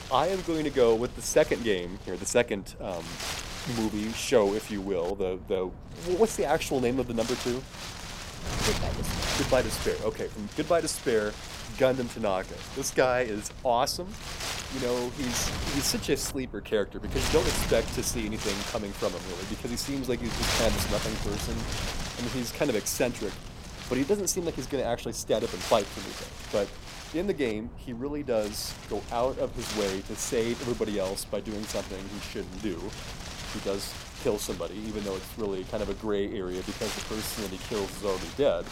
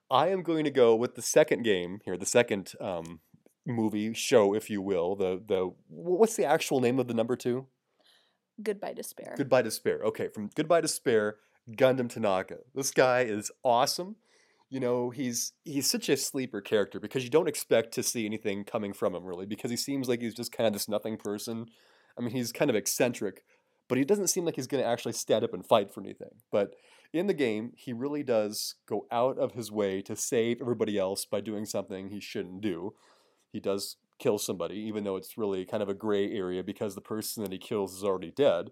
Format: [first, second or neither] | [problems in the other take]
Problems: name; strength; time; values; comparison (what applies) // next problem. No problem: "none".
second | wind noise on the microphone; heavy; 6 dB below the speech